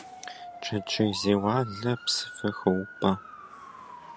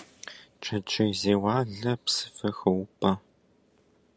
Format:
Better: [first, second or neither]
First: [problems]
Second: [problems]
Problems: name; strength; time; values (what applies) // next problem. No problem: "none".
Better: second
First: background sound (Motor vehicle (road) / Siren); 14 dB below the speech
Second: none